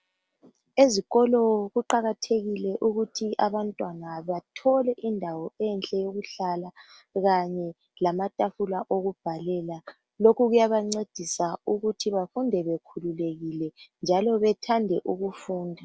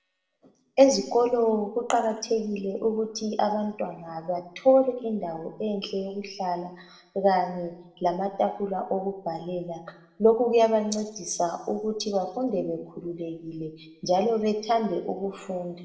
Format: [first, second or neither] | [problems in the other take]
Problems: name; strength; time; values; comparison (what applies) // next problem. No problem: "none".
first | room echo; dies away in 0.7 s